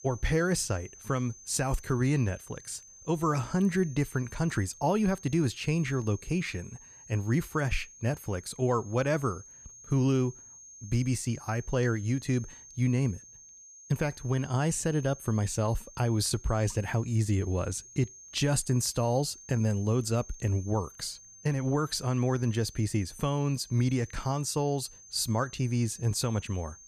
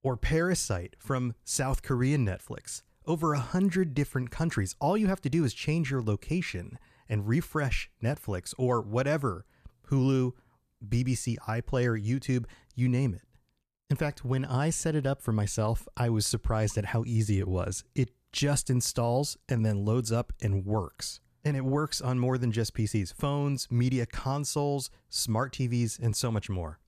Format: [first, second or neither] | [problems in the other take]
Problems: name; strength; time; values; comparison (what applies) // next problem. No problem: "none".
second | high-pitched whine; noticeable; throughout; 6.5 kHz, 20 dB below the speech